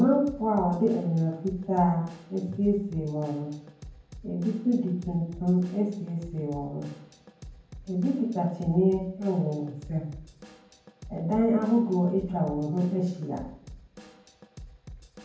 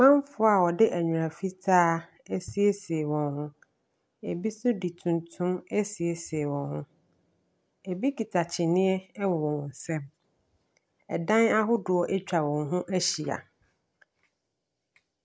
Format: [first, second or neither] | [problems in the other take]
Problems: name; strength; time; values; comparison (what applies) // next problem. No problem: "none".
second | background sound (Drum / Drum kit); 19 dB below the speech // room echo; dies away in 0.9 s